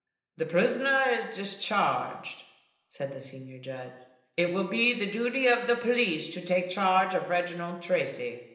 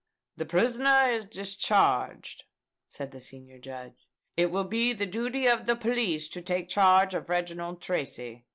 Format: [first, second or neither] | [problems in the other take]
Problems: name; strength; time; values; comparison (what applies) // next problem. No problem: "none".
second | room echo; dies away in 0.9 s